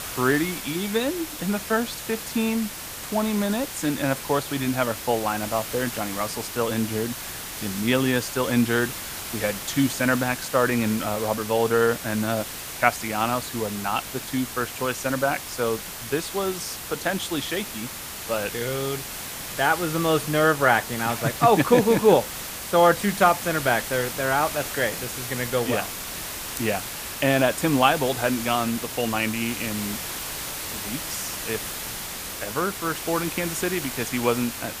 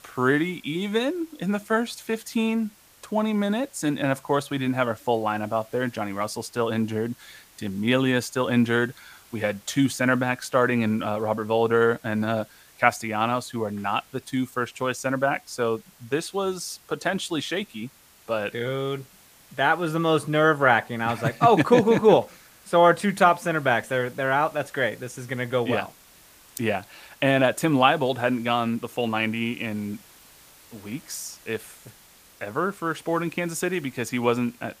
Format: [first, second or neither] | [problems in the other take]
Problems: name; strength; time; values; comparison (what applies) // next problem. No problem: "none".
second | hiss; loud; throughout; 7 dB below the speech; faint in the second